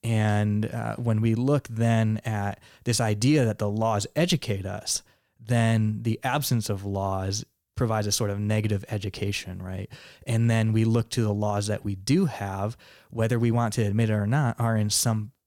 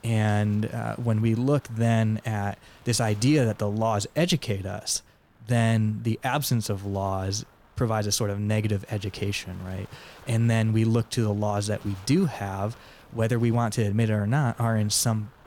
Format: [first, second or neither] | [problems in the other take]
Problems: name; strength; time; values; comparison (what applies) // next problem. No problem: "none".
first | wind noise on the microphone; occasional gusts; 25 dB below the speech